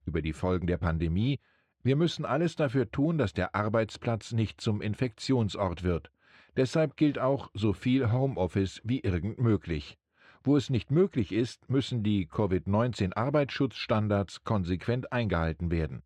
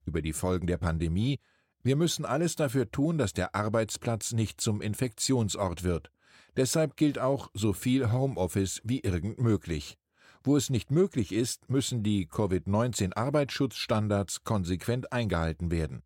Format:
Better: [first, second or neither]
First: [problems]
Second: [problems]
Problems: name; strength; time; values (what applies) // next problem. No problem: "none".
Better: second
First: muffled; slightly; fading above 3 kHz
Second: none